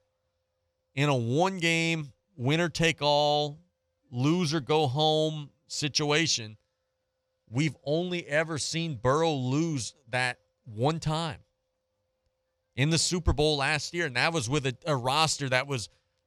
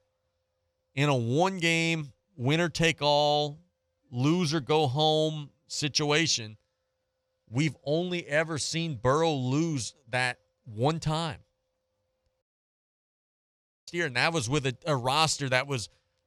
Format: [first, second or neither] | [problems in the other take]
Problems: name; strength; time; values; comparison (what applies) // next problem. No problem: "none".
first | audio cutting out; at 12 s for 1.5 s